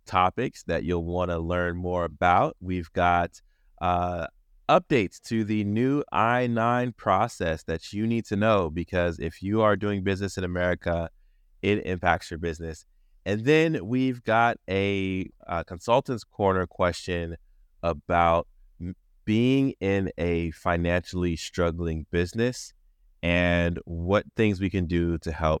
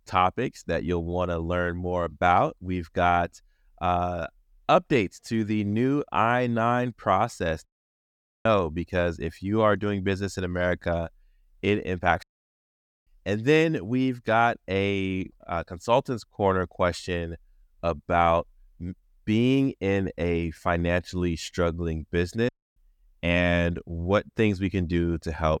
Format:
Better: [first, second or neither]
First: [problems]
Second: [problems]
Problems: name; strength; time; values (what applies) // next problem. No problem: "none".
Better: first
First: none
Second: audio cutting out; at 7.5 s for 1 s, at 12 s for 1 s and at 22 s